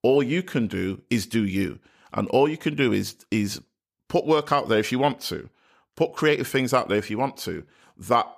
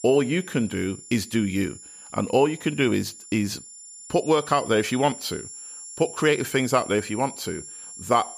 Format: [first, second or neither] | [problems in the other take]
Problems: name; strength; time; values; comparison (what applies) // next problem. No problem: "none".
first | high-pitched whine; noticeable; throughout; 7.5 kHz, 15 dB below the speech